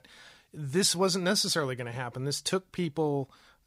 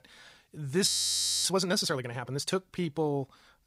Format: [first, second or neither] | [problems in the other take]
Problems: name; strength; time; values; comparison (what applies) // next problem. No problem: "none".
first | audio freezing; at 1 s for 0.5 s